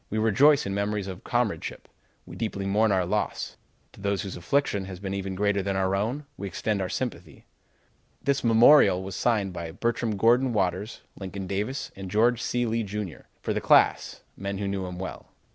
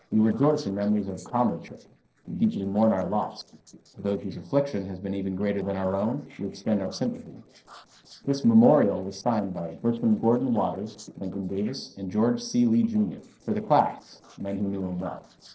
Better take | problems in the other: first | noise reduction (neural separator model SepFormer DNS4)

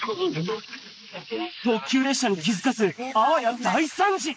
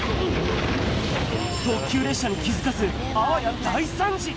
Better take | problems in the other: second | noise reduction (neural mask model Resemble Enhance denoiser)

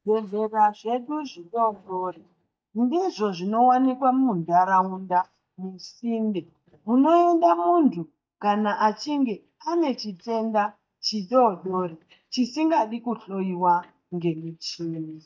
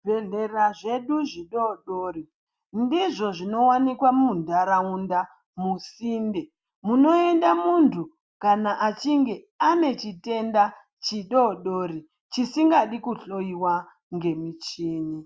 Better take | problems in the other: second | noise reduction (neural mask model DeepFilterNet 3)

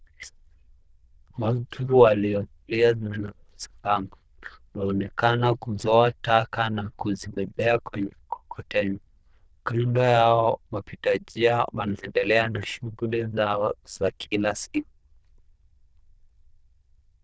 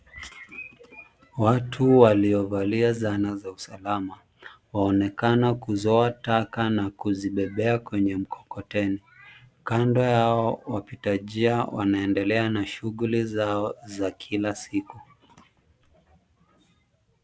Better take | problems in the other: second | noise reduction (neural diffusion model UNIVERSE++)

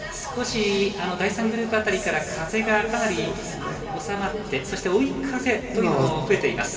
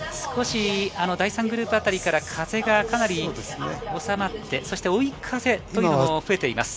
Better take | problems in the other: second | room echo; dies away in 2.3 s

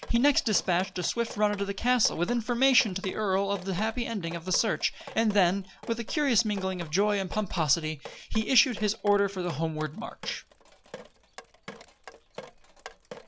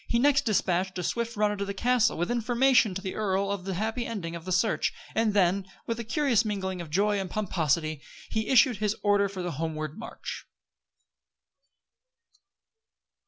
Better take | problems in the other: second | background sound (Drip); 18 dB below the speech

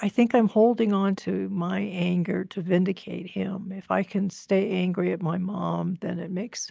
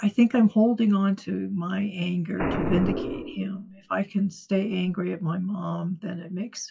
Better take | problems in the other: first | noise reduction (classical method WPE with log-MMSE)

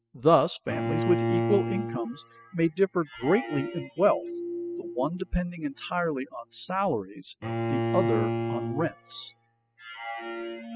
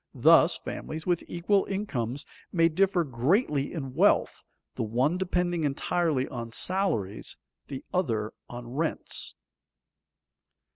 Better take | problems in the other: second | noise reduction (classical method spectral subtraction)

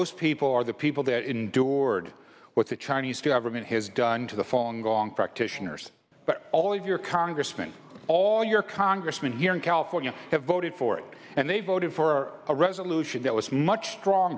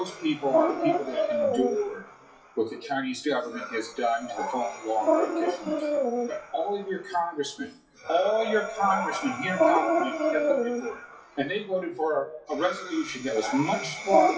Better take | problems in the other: first | noise reduction (classical method WPE with log-MMSE)

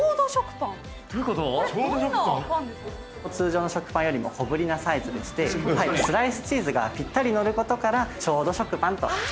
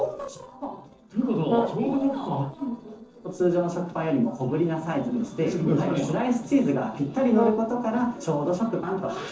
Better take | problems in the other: first | noise reduction (neural separator model SepFormer DNS4)

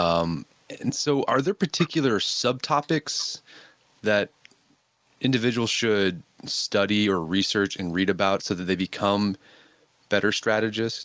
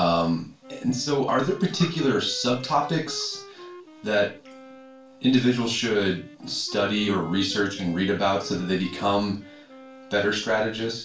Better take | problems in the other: first | background sound (Wind instrument, woodwind instrument); 19 dB below the speech // room echo; dies away in 0.3 s

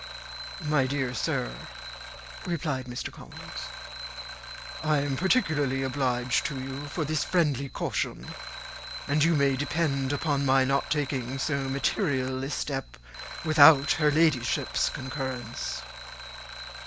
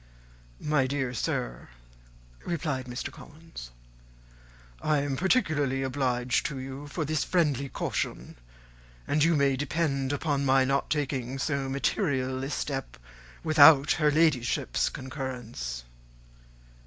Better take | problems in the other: second | background sound (Alarm); 12 dB below the speech

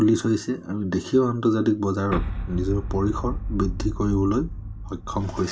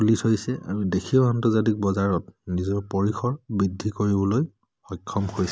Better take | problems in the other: second | background sound (Boom); 6 dB below the speech // room echo; dies away in 0.2 s

